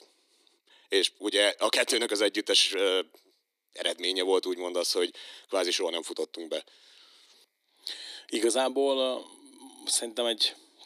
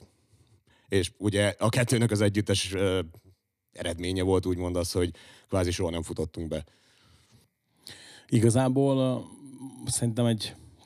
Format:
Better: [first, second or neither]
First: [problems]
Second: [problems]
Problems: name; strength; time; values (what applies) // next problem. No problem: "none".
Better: second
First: thin; very; fading below 300 Hz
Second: none